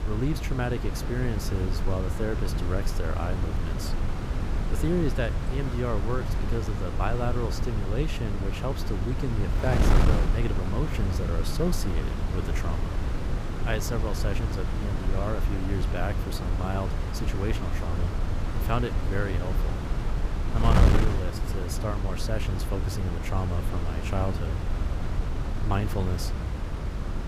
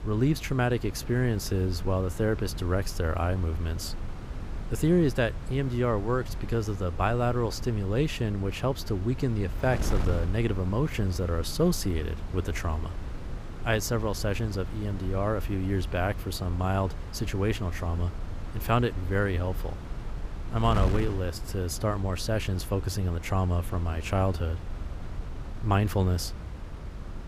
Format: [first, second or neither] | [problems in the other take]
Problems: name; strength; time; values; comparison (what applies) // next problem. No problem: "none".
second | wind noise on the microphone; heavy; 2 dB below the speech; occasional gusts in the second